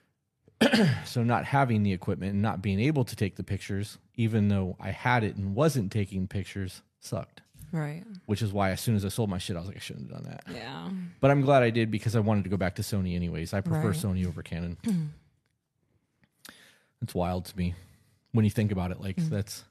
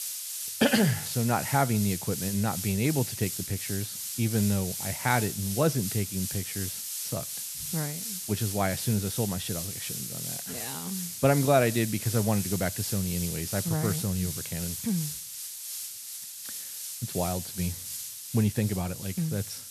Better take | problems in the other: first | hiss; loud; throughout; 4 dB below the speech

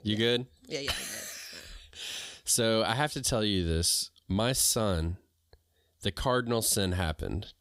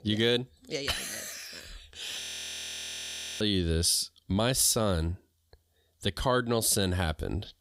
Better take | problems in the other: first | audio freezing; at 2 s for 1 s

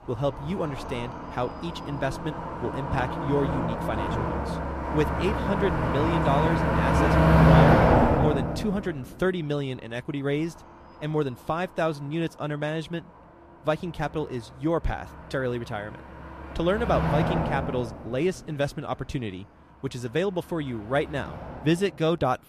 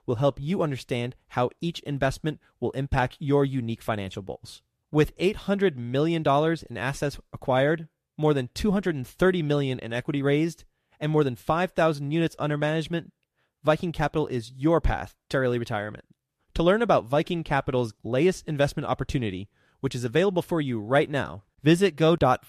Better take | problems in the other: second | traffic noise; very loud; throughout; 4 dB above the speech

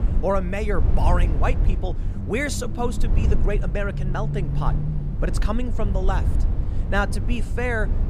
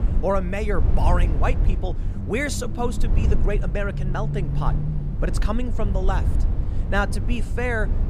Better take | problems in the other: neither | low rumble; noticeable; throughout; 10 dB below the speech; the same in both

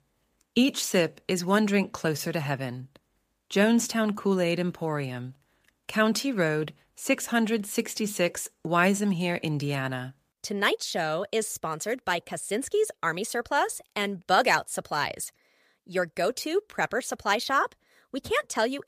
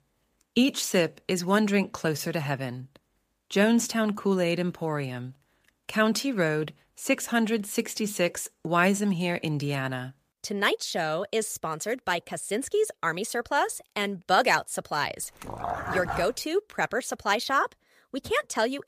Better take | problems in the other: first | dog barking; noticeable; at 15 s; peak 4 dB below the speech

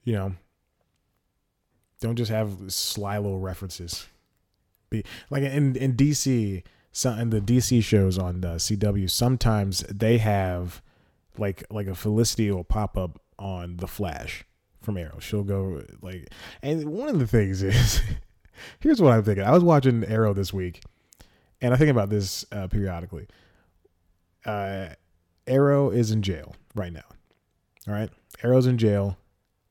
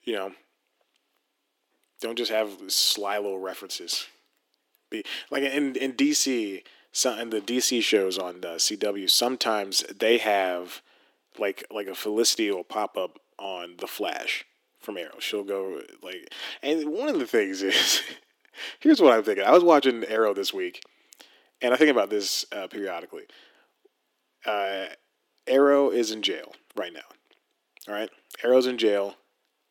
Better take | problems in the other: first | thin; somewhat; fading below 300 Hz

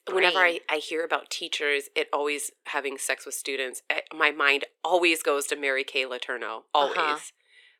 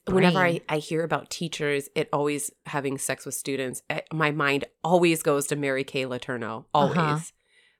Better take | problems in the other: second | thin; very; fading below 350 Hz

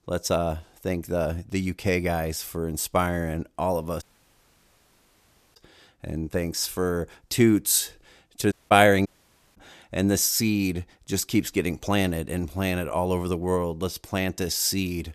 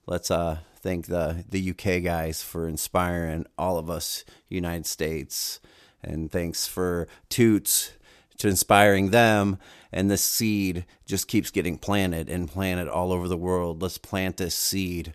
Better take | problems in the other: second | audio cutting out; at 4 s for 1.5 s, at 8.5 s and at 9 s for 0.5 s

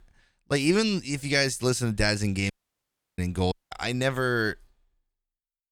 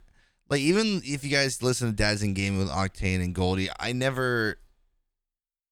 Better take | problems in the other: second | audio cutting out; at 2.5 s for 0.5 s and at 3.5 s

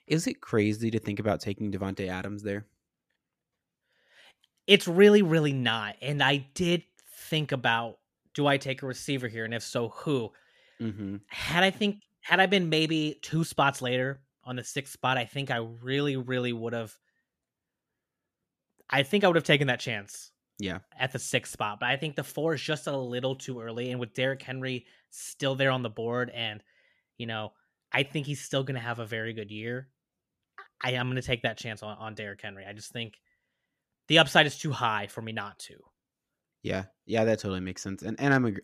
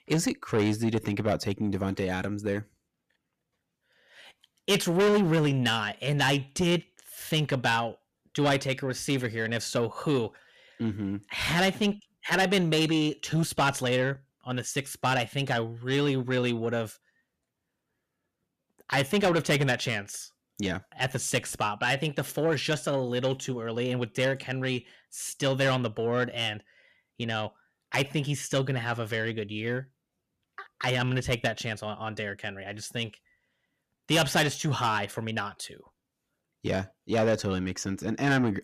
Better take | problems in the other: first | distortion; heavy; 7 dB below the speech

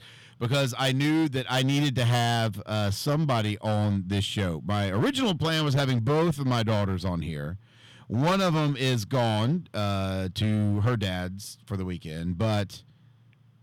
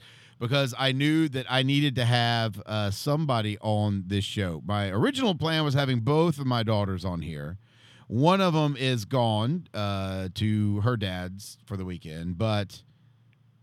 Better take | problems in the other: second | distortion; slight; 10% of the sound clipped

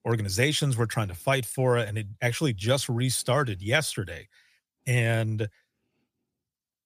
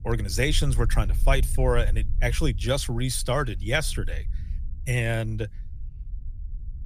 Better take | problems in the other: first | low rumble; faint; throughout; 25 dB below the speech

